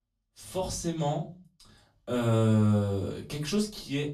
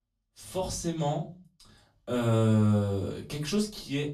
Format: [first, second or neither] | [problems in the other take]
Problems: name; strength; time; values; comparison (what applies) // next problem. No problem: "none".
neither | off-mic speech; far; the same in both // room echo; very slight; dies away in 0.3 s; the same in both